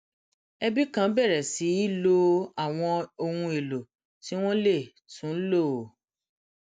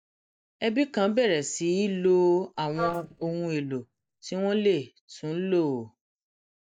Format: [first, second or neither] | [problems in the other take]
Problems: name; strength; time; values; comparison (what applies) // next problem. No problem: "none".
first | noise reduction (neural mask model DeepFilterNet 3)